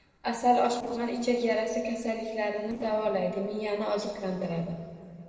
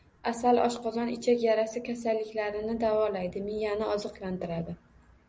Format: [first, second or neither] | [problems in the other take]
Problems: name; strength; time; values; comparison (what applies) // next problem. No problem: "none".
second | noise reduction (neural separator model SepFormer DNS4)